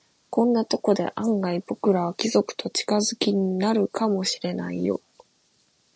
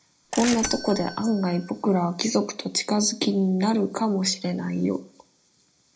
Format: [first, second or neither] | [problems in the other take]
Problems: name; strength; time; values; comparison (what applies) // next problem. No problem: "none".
first | background sound (Bell / Mechanisms); 11 dB below the speech // room echo; dies away in 0.2 s